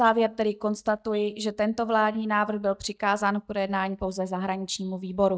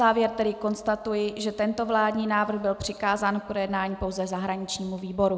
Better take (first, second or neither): second